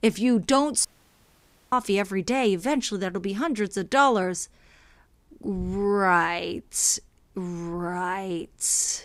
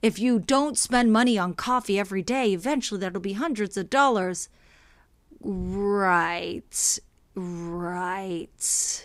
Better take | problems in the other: second | audio cutting out; at 1 s for 1 s

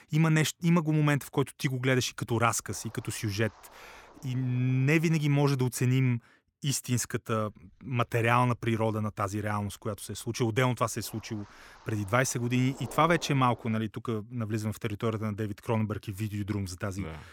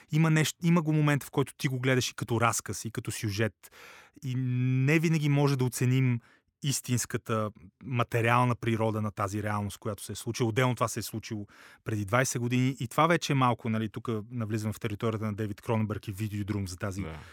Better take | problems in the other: second | wind noise on the microphone; occasional gusts; from 2 to 5 s and from 7.5 to 14 s; 20 dB below the speech

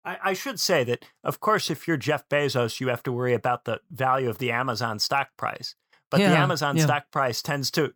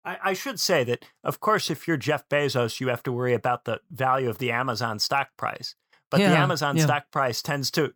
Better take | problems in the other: neither | none

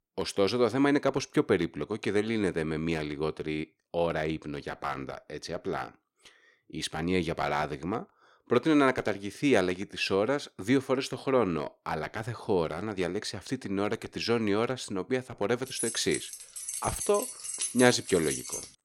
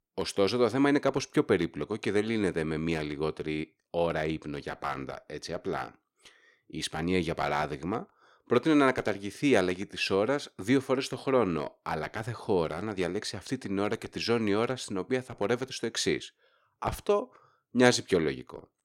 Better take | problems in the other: second | jangling keys; noticeable; from 16 s on; peak 2 dB below the speech

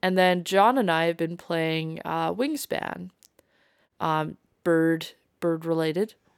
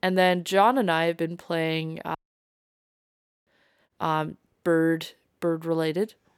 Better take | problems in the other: first | audio cutting out; at 2 s for 1.5 s

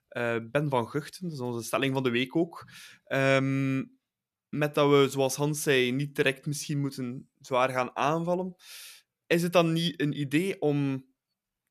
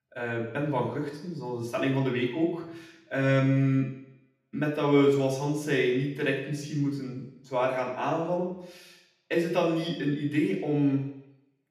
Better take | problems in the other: first | room echo; noticeable; dies away in 0.8 s // off-mic speech; far

